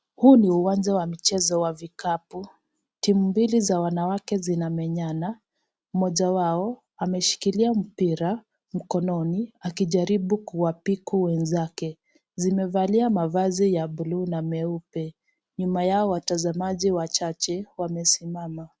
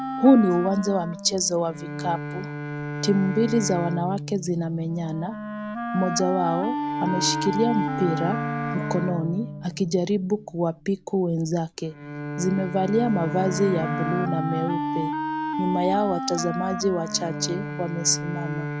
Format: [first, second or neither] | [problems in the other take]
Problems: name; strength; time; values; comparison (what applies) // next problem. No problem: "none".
first | background sound (Wind instrument, woodwind instrument + Bowed string instrument); 5 dB below the speech